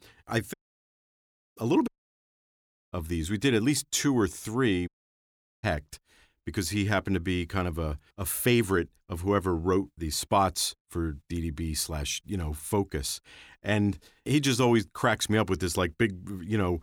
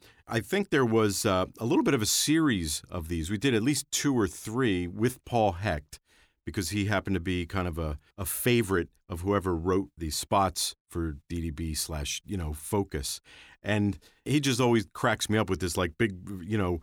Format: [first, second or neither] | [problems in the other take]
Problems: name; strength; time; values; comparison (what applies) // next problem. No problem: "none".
second | audio cutting out; at 0.5 s for 1 s, at 2 s for 1 s and at 5 s for 1 s